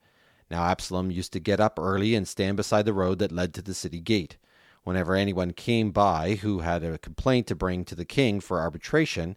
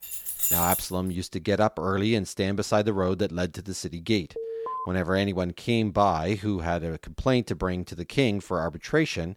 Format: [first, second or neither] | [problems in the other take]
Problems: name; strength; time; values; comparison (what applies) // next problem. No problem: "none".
first | jangling keys; loud; at the start; peak 5 dB above the speech // alarm; noticeable; at 4.5 s; peak 6 dB below the speech